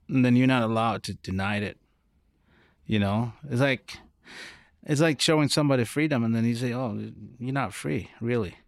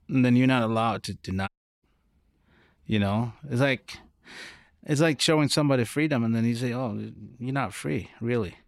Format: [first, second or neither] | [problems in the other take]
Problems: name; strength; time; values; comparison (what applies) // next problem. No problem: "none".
first | audio cutting out; at 1.5 s